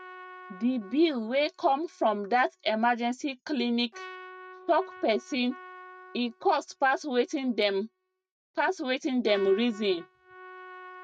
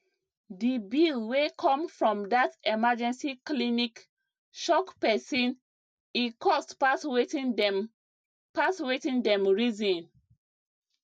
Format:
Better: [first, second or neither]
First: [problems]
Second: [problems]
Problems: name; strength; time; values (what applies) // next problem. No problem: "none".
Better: second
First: noise reduction (neural mask model RNNoise)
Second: none